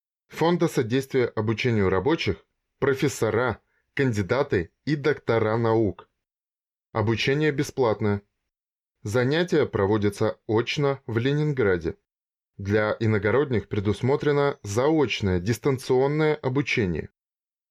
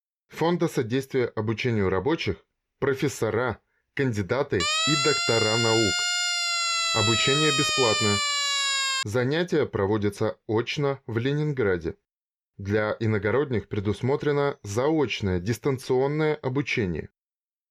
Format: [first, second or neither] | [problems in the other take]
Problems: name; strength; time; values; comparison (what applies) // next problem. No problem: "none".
first | siren; loud; from 4.5 to 9 s; peak 5 dB above the speech